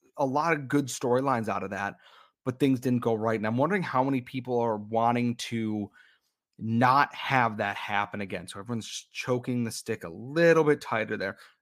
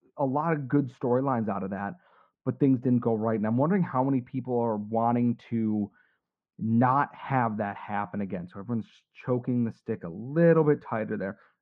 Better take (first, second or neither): first